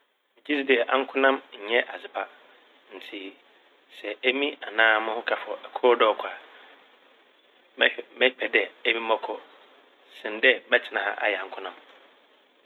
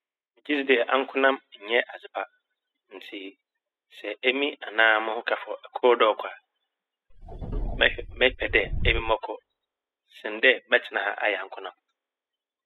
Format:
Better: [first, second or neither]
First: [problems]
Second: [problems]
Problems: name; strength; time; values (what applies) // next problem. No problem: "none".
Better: first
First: none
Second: noise reduction (classical method spectral subtraction)